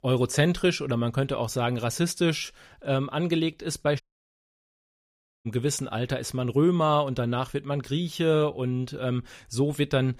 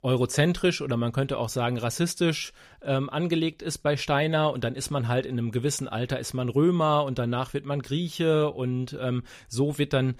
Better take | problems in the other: second | audio cutting out; at 4 s for 1.5 s

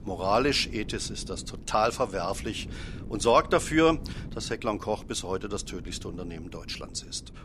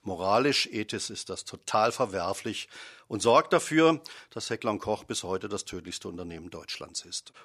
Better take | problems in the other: second | wind noise on the microphone; occasional gusts; 25 dB below the speech

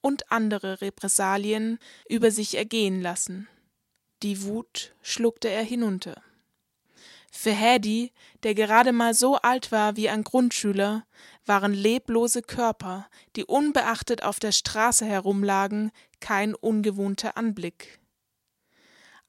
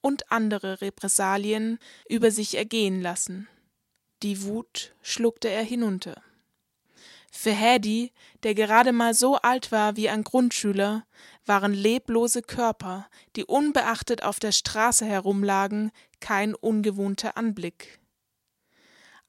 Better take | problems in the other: neither | none

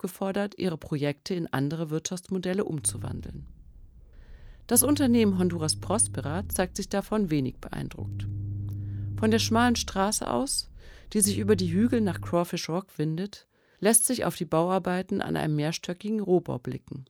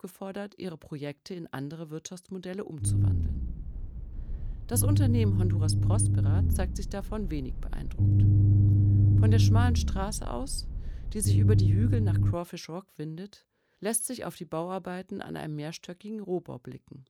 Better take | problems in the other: first | low rumble; loud; from 3 to 12 s; 1 dB below the speech; faint in the first

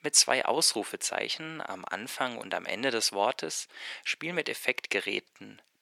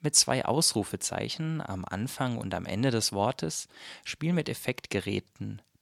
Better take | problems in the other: second | thin; somewhat; fading below 450 Hz

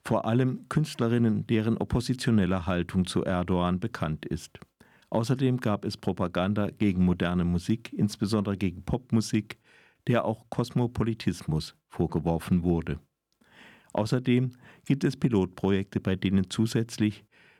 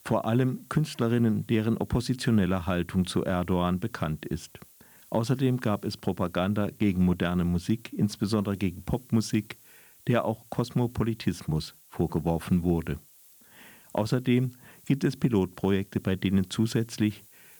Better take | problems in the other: first | hiss; faint; throughout; 25 dB below the speech

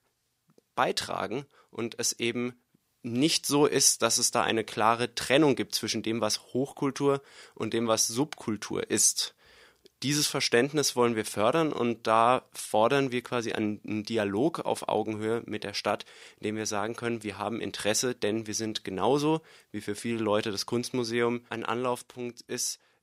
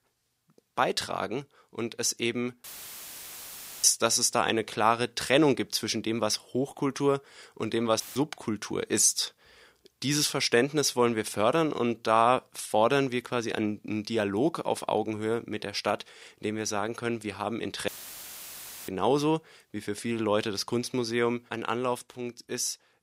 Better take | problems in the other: first | audio cutting out; filled with static; at 2.5 s for 1 s, at 8 s and at 18 s for 1 s

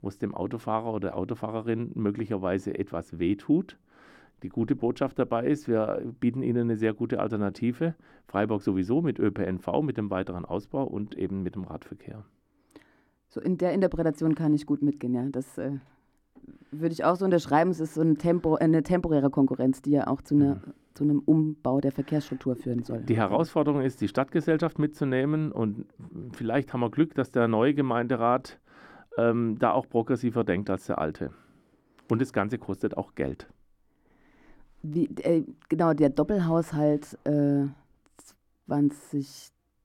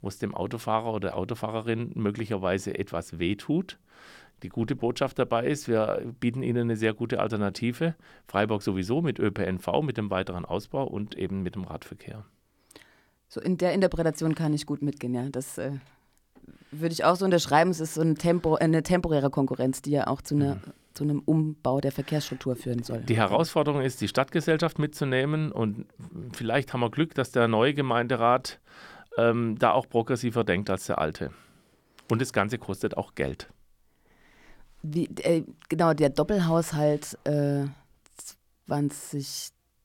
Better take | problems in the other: second | muffled; slightly; fading above 2 kHz

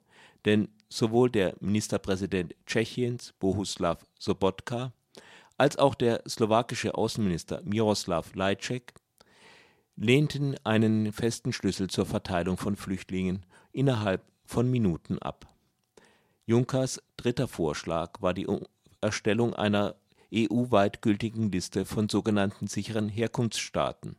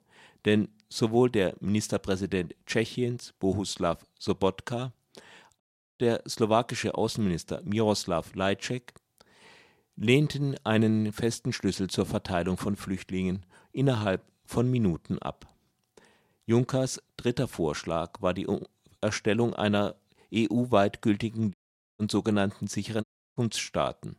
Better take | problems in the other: first | audio cutting out; at 5.5 s, at 22 s and at 23 s

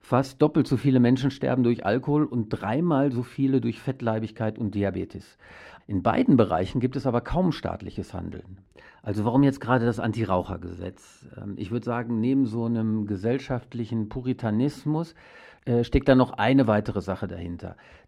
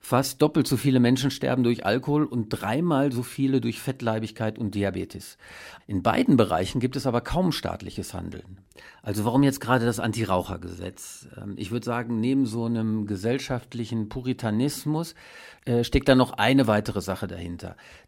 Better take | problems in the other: second | muffled; slightly; fading above 1.5 kHz

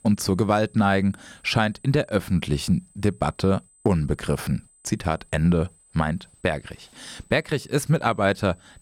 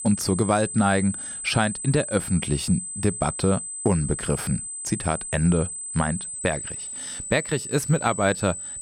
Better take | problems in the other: first | high-pitched whine; loud; throughout; 8 kHz, 6 dB below the speech; faint in the first

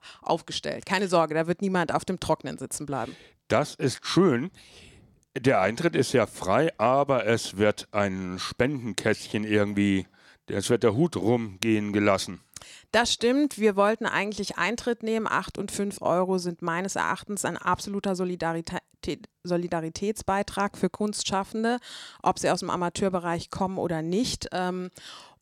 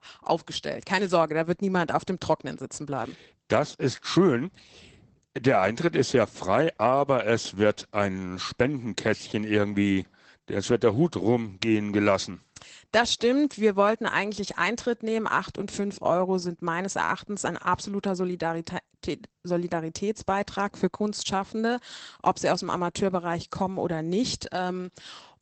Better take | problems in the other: first | garbled, watery; badly; nothing above 8 kHz

